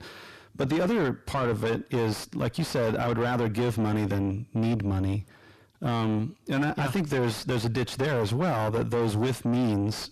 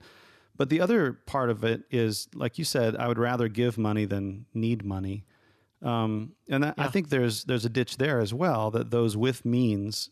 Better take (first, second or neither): second